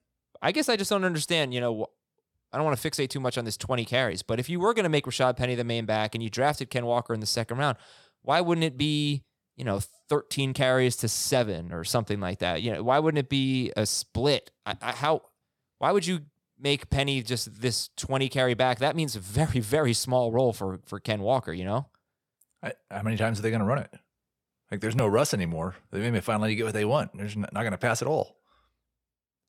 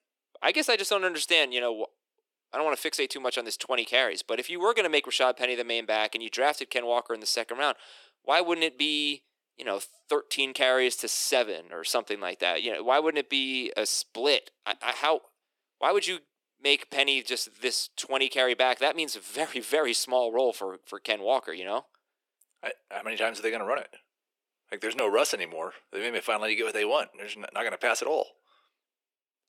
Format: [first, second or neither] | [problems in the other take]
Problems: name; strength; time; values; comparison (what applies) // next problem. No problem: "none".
first | thin; very; fading below 300 Hz